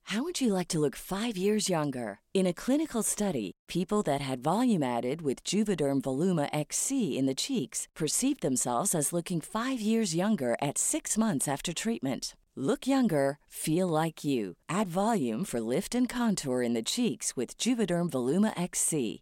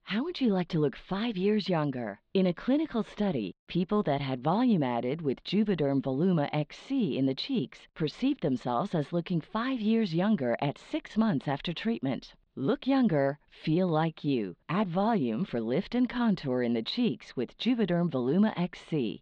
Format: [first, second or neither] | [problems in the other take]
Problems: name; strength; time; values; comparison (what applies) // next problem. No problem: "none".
first | muffled; slightly; fading above 4 kHz